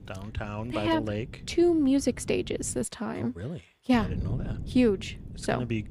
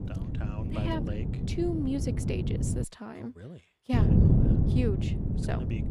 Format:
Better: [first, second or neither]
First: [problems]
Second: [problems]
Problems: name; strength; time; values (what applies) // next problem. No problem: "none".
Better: first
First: wind noise on the microphone; occasional gusts; until 3 s and from 4 s on; 20 dB below the speech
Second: wind noise on the microphone; heavy; until 3 s and from 4 s on; as loud as the speech